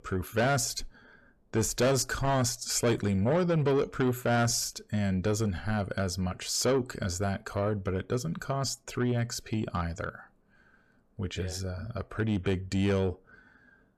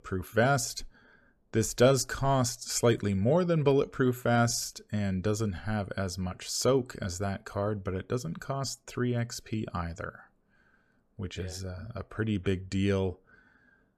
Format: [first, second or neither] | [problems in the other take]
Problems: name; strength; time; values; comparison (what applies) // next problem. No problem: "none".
second | distortion; slight; 10 dB below the speech